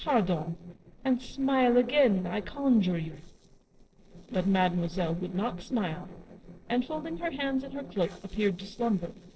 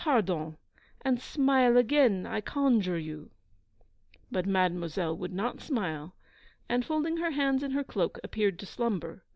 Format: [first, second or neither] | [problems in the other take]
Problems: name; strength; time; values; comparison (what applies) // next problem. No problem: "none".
second | noise reduction (neural separator model SepFormer DNS4)